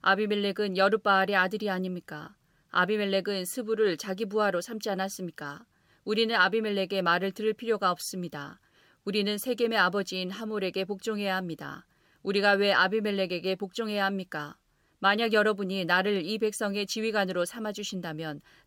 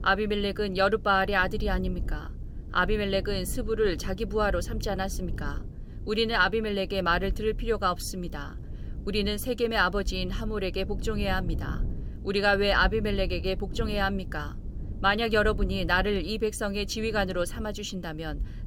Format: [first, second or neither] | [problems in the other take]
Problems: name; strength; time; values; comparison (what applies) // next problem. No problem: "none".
first | low rumble; faint; throughout; 20 dB below the speech